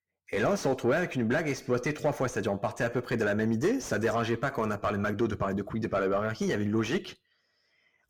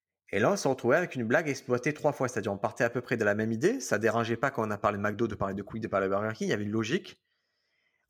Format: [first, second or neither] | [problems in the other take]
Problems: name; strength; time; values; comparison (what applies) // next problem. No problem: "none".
second | distortion; heavy; 8 dB below the speech